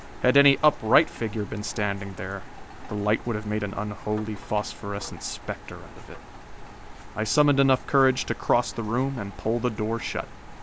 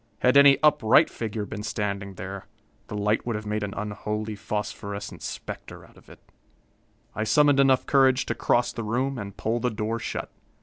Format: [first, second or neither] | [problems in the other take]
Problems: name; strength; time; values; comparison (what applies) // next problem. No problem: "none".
second | background sound (Rain); 14 dB below the speech